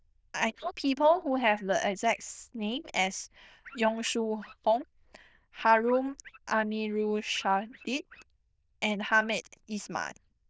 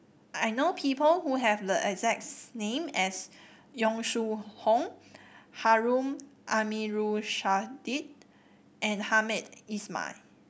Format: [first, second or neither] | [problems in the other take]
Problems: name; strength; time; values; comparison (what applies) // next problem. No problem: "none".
second | noise reduction (neural diffusion model UNIVERSE++)